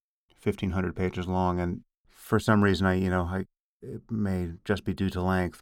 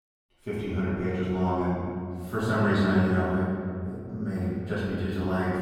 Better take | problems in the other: first | room echo; strong; dies away in 2.1 s // off-mic speech; far

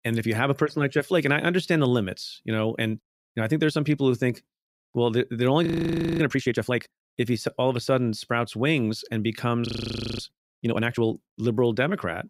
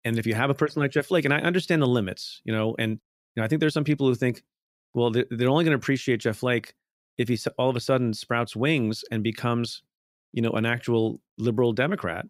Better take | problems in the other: second | audio freezing; at 5.5 s for 0.5 s and at 9.5 s for 0.5 s

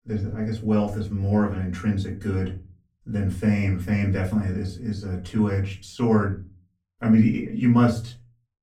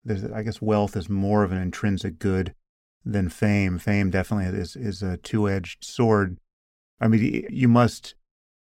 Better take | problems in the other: second | off-mic speech; far // room echo; slight; dies away in 0.3 s

